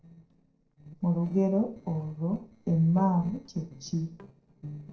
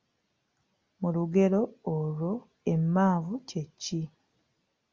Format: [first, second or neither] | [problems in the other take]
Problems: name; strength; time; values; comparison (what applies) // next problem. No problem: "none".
second | noise reduction (neural separator model SepFormer DNS4)